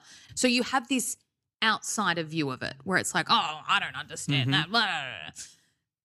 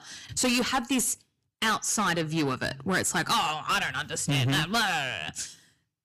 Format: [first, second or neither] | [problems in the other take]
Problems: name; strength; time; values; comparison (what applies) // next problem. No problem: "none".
first | distortion; heavy; 6 dB below the speech